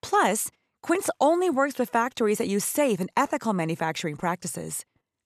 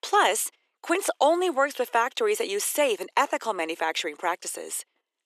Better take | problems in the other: first | thin; somewhat; fading below 350 Hz

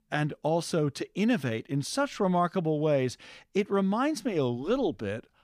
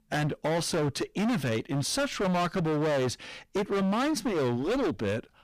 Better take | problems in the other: first | distortion; heavy; 29% of the sound clipped

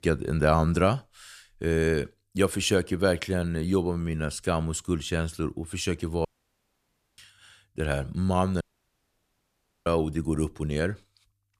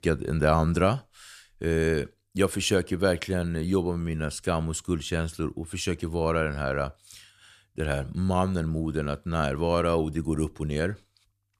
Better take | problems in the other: second | audio cutting out; at 6.5 s for 1 s and at 8.5 s for 1.5 s

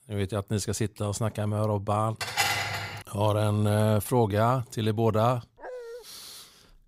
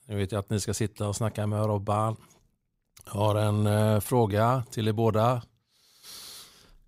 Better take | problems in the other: second | clattering dishes; loud; at 2 s; peak 2 dB above the speech // dog barking; faint; at 5.5 s; peak 15 dB below the speech

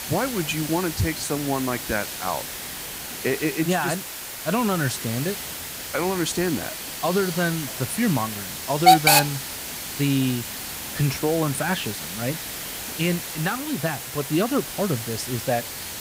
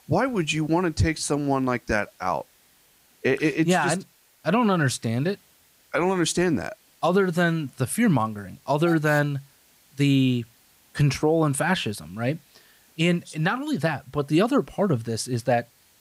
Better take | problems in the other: second | hiss; loud; throughout; 1 dB below the speech; faint in the second

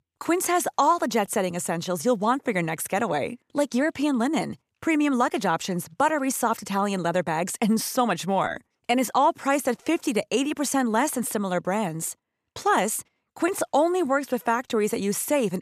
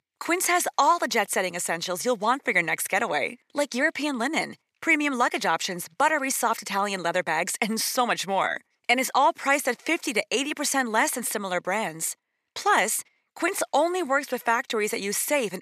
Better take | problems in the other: first | thin; very slightly; fading below 1 kHz

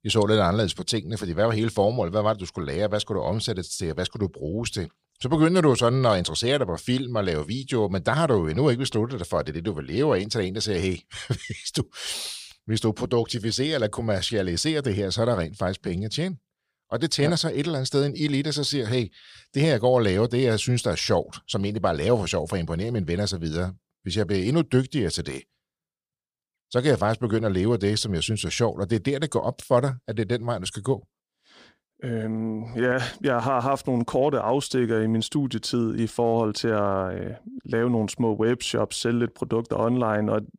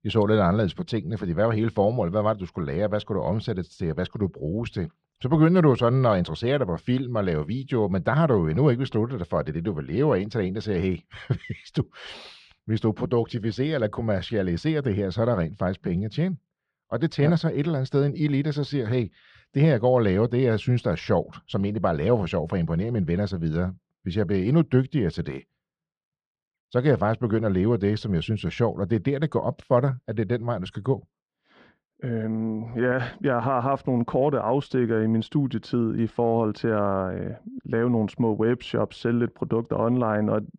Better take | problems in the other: first | muffled; slightly; fading above 2 kHz

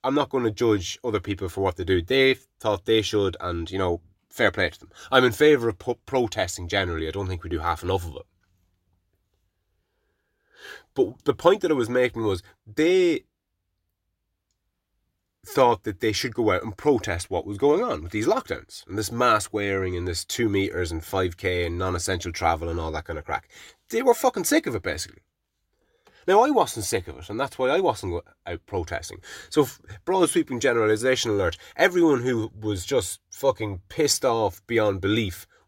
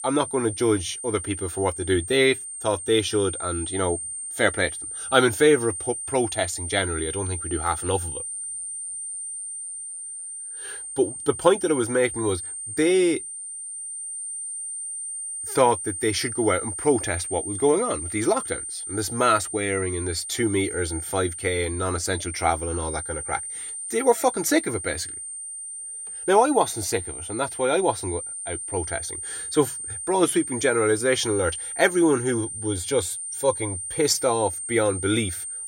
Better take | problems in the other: first | high-pitched whine; loud; throughout; 9 kHz, 6 dB below the speech

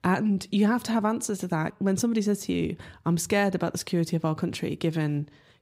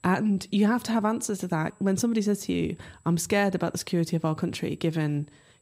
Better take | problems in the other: first | high-pitched whine; faint; throughout; 8 kHz, 35 dB below the speech

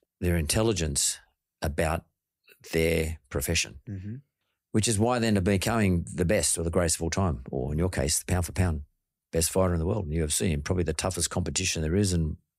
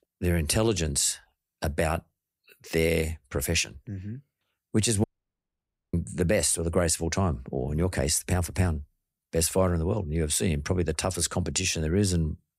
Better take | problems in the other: first | audio cutting out; at 5 s for 1 s

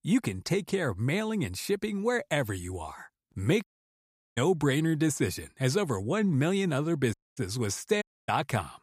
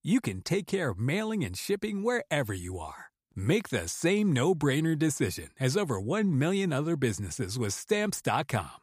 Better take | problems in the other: second | audio cutting out; at 3.5 s for 0.5 s, at 7 s and at 8 s

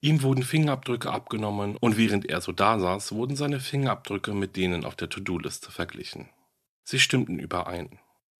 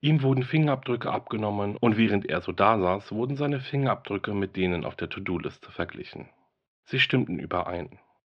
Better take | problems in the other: first | muffled; very; fading above 3.5 kHz

